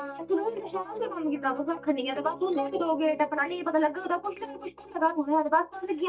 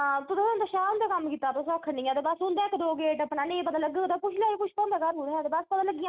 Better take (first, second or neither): second